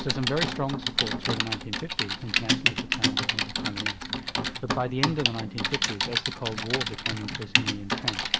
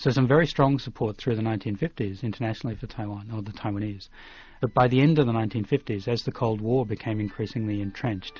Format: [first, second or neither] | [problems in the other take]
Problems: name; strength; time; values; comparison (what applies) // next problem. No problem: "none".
second | background sound (Typing); 5 dB above the speech